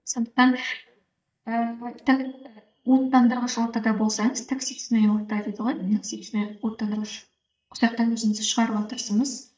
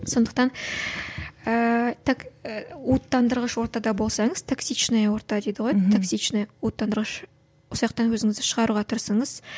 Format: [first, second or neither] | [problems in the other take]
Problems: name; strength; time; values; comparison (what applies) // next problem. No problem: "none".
second | noise reduction (neural mask model DeepFilterNet 3)